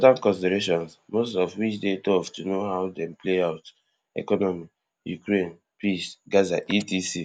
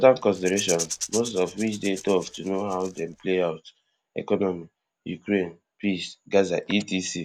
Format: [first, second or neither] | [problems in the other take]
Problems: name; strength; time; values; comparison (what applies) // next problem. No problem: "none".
first | background sound (Rattle / Rattle (instrument)); 11 dB below the speech